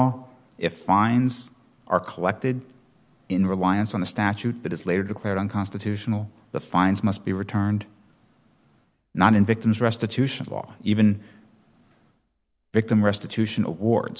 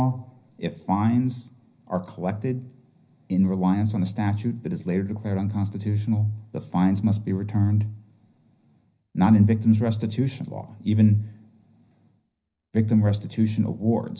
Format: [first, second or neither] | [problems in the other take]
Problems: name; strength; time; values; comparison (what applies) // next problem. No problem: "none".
first | room echo; dies away in 0.5 s